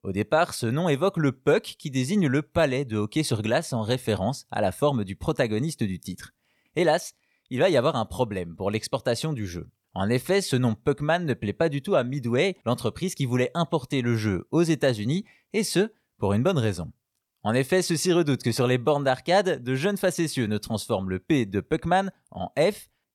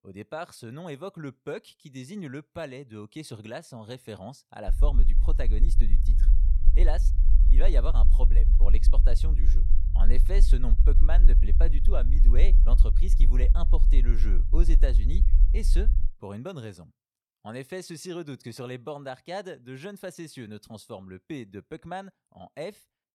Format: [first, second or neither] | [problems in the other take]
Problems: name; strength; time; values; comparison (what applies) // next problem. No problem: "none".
first | low rumble; loud; from 4.5 to 16 s; 9 dB below the speech